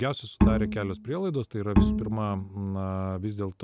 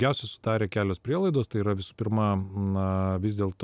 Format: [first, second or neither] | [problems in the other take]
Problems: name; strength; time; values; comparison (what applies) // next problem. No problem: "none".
second | background sound (Bowed string instrument); 3 dB above the speech